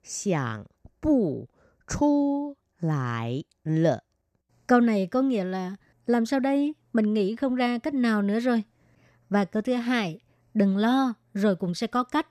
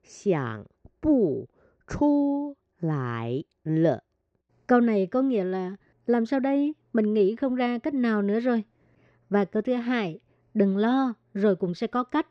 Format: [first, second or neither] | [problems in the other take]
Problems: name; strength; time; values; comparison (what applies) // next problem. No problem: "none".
first | muffled; slightly; fading above 3.5 kHz